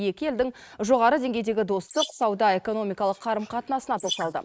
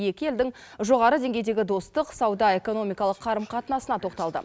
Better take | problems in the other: second | noise reduction (neural mask model Resemble Enhance denoiser)

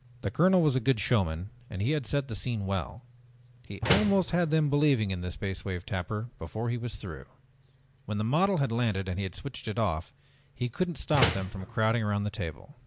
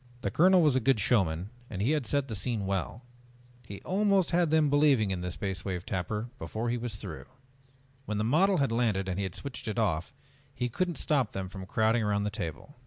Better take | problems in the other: second | background sound (Slam); 3 dB below the speech

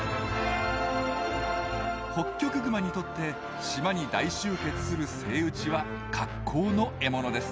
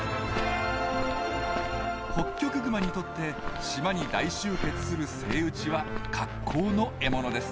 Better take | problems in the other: first | background sound (Walk, footsteps); 8 dB below the speech

